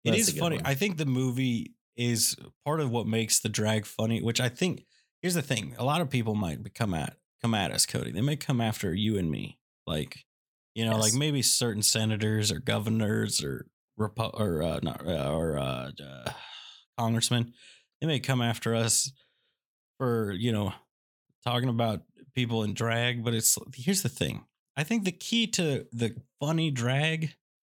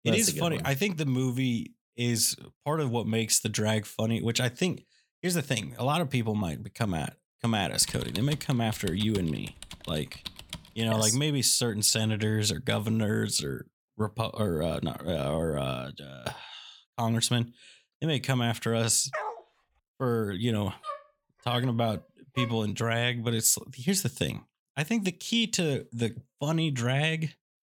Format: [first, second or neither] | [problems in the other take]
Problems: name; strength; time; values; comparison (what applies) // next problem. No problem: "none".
first | keyboard typing; noticeable; from 8 to 11 s; peak 10 dB below the speech // dog barking; noticeable; at 19 s; peak 7 dB below the speech // dog barking; faint; from 21 to 23 s; peak 10 dB below the speech